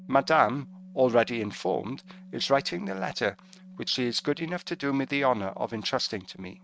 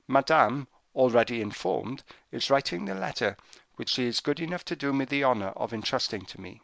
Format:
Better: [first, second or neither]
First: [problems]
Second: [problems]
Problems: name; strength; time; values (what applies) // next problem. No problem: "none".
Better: second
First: noise reduction (neural mask model RNNoise)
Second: none